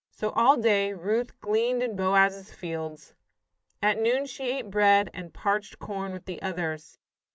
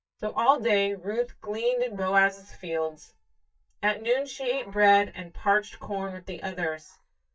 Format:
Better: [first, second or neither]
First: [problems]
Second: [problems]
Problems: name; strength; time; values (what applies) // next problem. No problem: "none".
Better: first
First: none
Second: noise reduction (neural mask model DeepFilterNet 3)